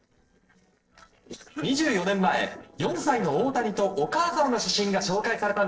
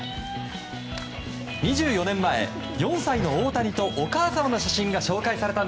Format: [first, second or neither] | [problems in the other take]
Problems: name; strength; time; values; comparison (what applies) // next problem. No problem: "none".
second | noise reduction (neural separator model SepFormer DNS4)